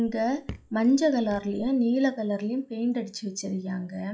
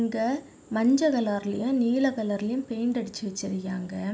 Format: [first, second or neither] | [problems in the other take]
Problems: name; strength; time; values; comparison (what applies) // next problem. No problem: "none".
second | noise reduction (classical method log-MMSE)